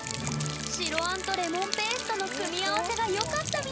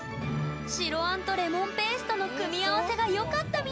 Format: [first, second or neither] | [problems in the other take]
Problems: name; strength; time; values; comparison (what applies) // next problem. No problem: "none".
second | background sound (Rain); 6 dB below the speech